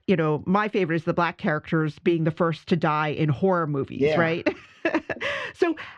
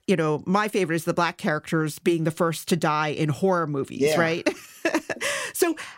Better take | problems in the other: second | muffled; slightly; fading above 3.5 kHz

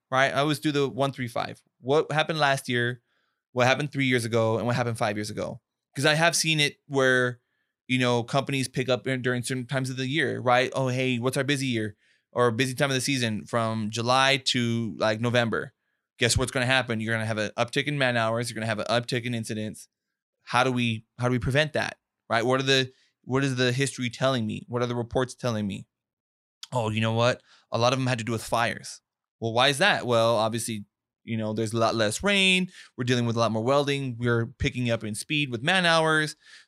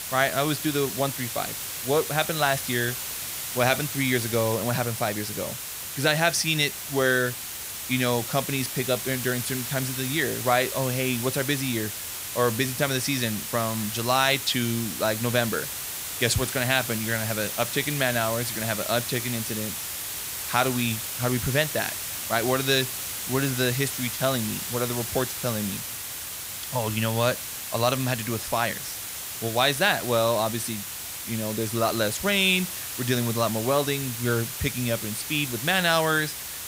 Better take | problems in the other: first | hiss; loud; throughout; 5 dB below the speech

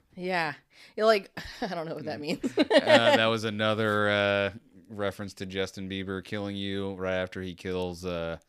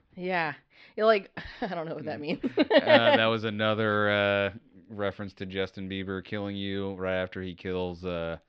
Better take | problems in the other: first | muffled; very slightly; fading above 4 kHz

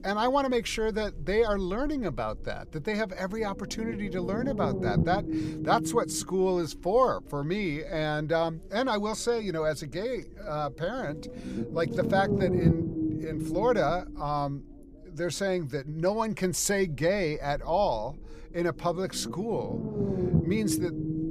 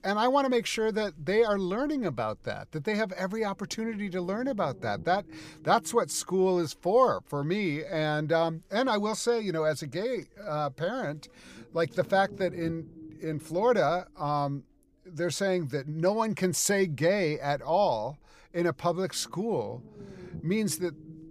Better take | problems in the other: second | low rumble; loud; throughout; 7 dB below the speech; faint in the second

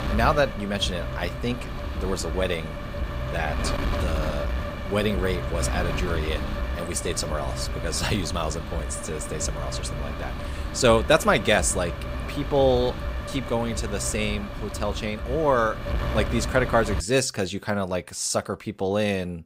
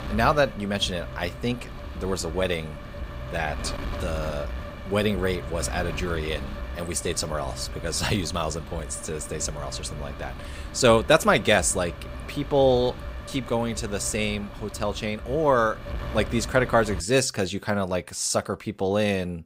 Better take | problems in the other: second | wind noise on the microphone; heavy; until 17 s; 9 dB below the speech; occasional gusts in the second

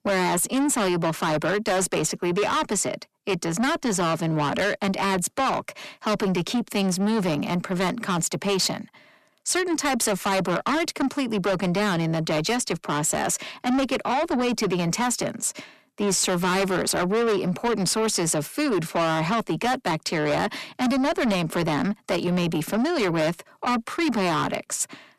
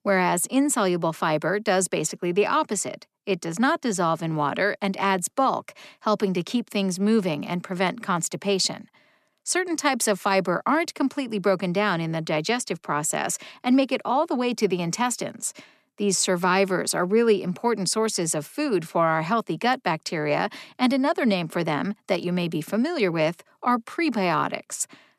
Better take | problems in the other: second | distortion; heavy; 7 dB below the speech

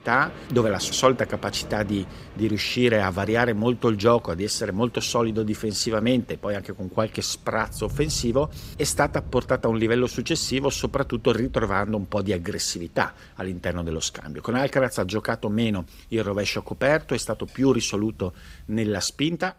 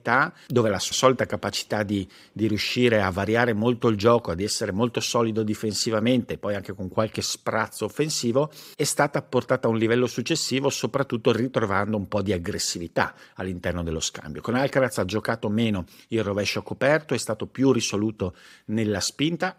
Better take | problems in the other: second | rain or running water; noticeable; throughout; 20 dB below the speech

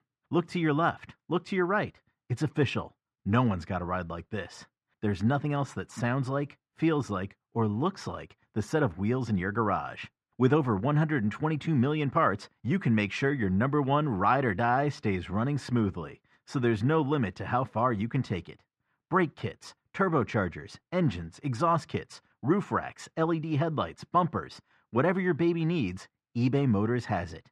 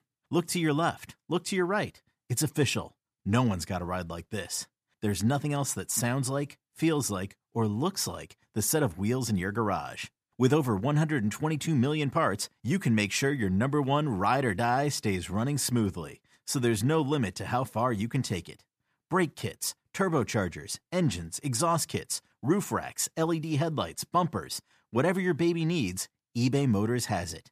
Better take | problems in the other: second | muffled; very; fading above 2.5 kHz

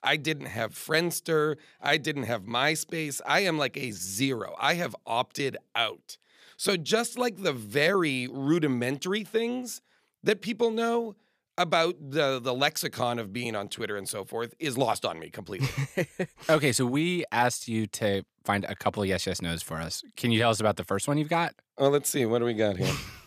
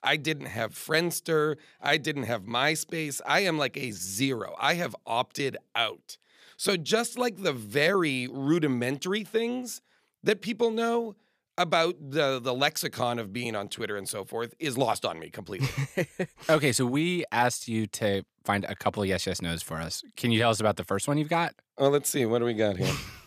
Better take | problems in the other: neither | none

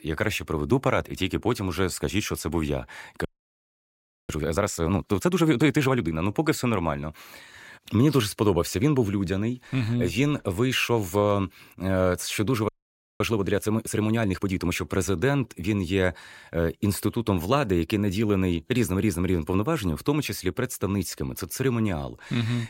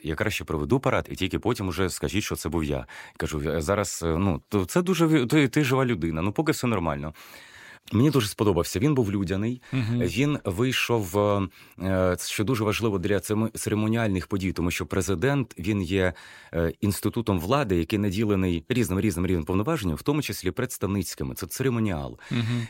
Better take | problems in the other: second | audio freezing; at 3.5 s for 1 s and at 13 s for 0.5 s

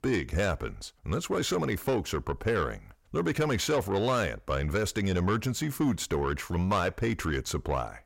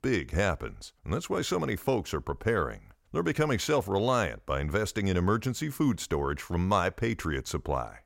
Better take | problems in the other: second | distortion; slight; 10 dB below the speech

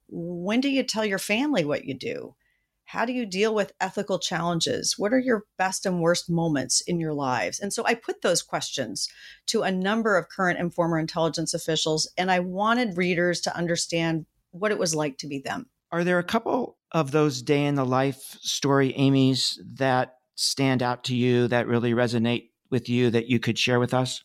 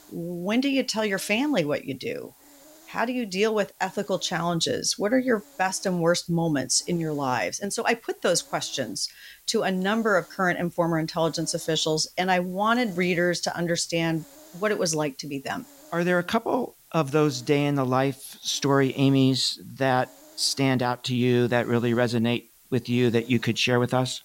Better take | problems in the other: first | hiss; faint; throughout; 25 dB below the speech

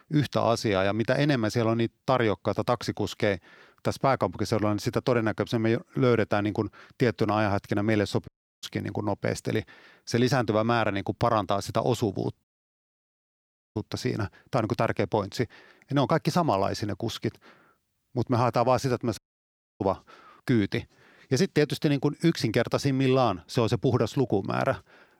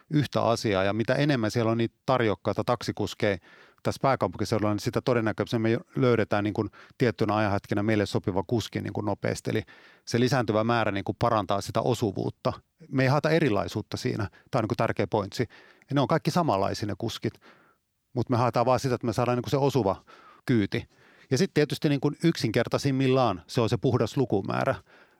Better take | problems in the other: second | audio cutting out; at 8.5 s, at 12 s for 1.5 s and at 19 s for 0.5 s

